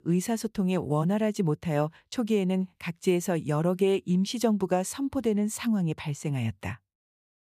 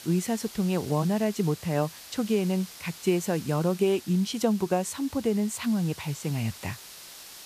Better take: first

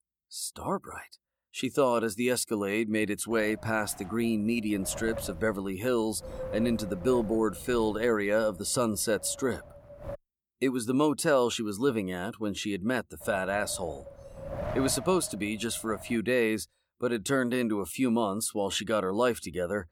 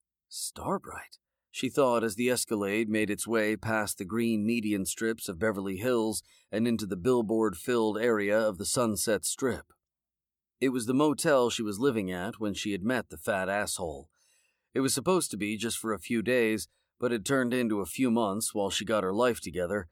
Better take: second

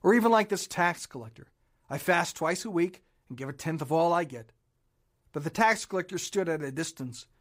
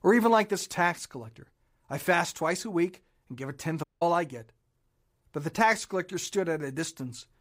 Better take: first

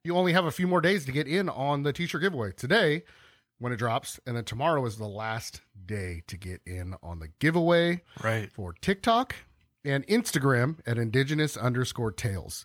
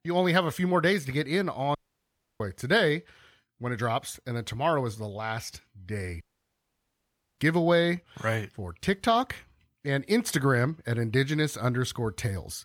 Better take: first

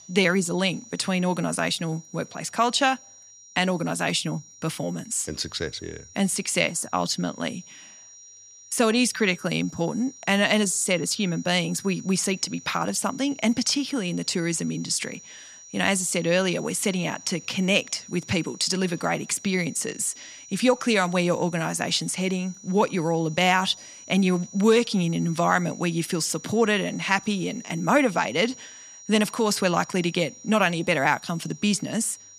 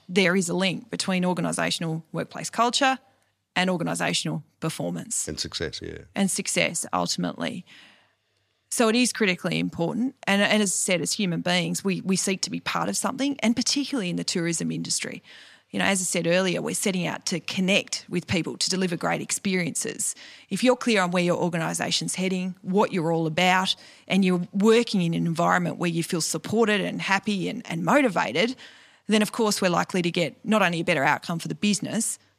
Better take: second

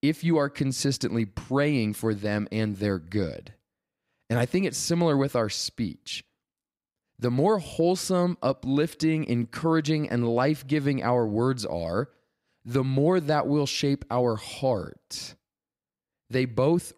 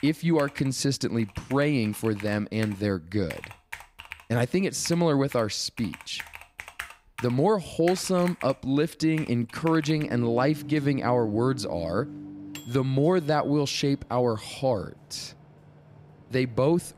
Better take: first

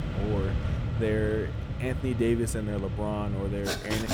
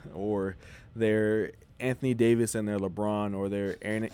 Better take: second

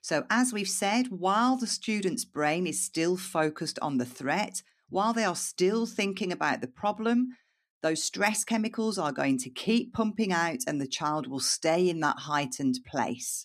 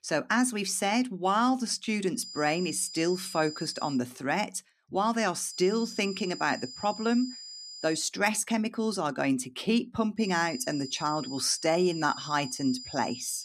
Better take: first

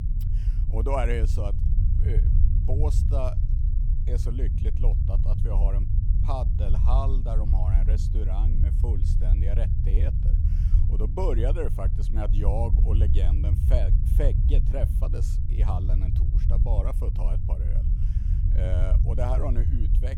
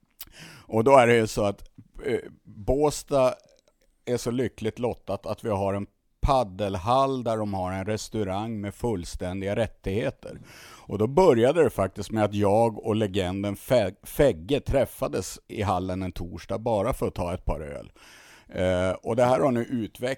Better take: second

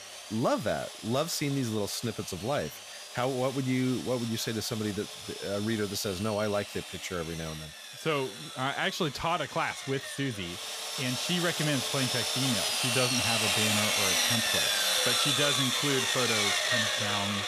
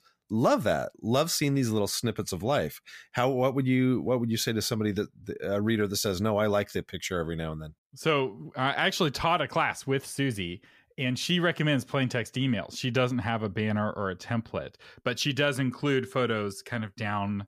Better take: second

